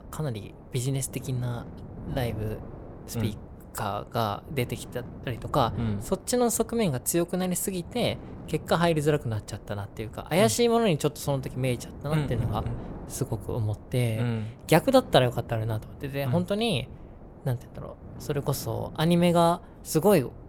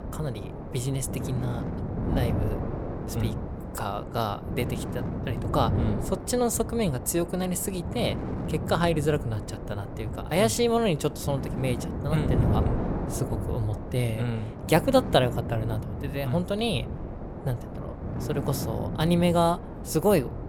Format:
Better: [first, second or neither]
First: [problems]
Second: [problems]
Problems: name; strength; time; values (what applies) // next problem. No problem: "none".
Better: first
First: wind noise on the microphone; occasional gusts; 20 dB below the speech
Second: wind noise on the microphone; heavy; 9 dB below the speech